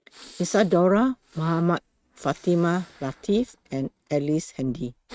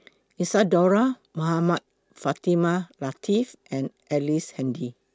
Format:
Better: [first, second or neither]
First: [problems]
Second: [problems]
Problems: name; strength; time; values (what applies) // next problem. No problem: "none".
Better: second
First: noise reduction (neural mask model RNNoise)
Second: none